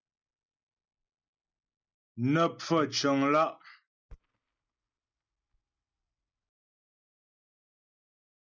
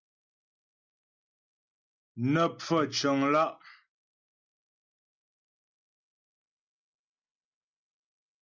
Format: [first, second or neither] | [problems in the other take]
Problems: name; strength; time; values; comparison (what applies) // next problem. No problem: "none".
second | noise reduction (neural mask model DeepFilterNet 3)